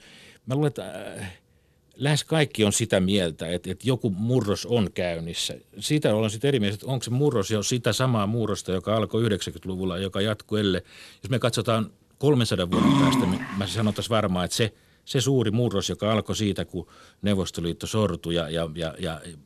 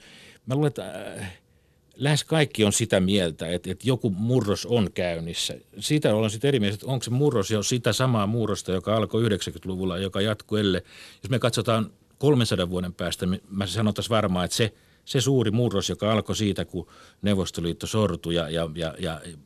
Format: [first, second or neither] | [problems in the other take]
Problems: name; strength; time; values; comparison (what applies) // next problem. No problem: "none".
second | dog barking; loud; at 13 s; peak 6 dB above the speech